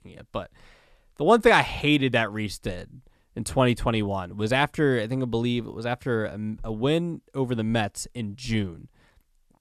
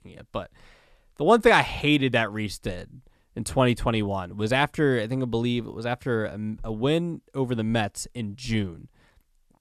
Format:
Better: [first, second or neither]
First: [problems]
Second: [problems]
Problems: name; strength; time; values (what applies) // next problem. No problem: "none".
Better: neither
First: none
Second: none